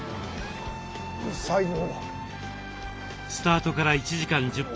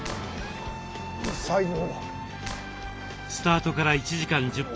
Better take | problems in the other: first | background sound (Clapping); 14 dB below the speech

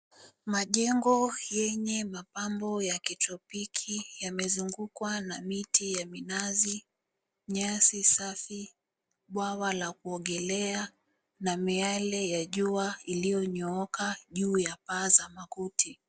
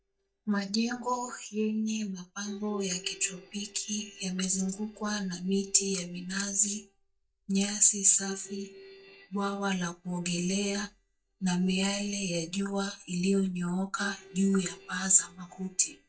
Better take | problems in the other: first | noise reduction (neural mask model DeepFilterNet 3)

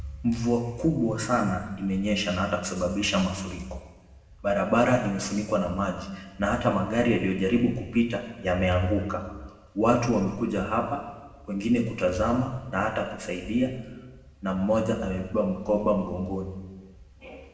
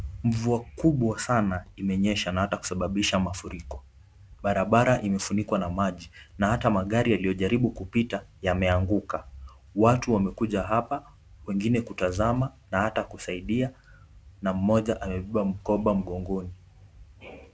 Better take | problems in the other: second | room echo; dies away in 1.1 s

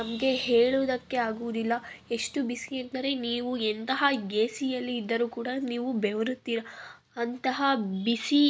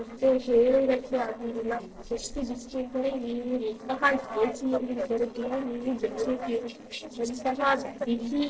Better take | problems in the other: first | noise reduction (neural separator model SepFormer DNS4)

